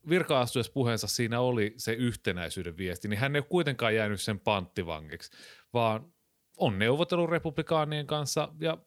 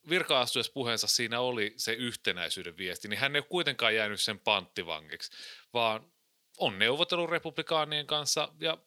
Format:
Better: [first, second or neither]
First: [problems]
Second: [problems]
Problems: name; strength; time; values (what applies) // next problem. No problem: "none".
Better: first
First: none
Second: thin; somewhat; fading below 500 Hz